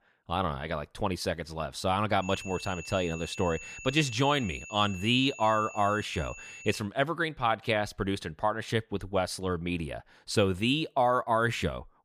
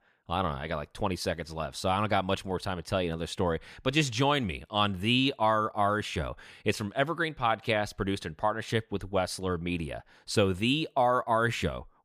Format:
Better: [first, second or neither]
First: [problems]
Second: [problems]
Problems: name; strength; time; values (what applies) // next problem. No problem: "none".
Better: second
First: high-pitched whine; noticeable; from 2 to 7 s; 2.5 kHz, 15 dB below the speech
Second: none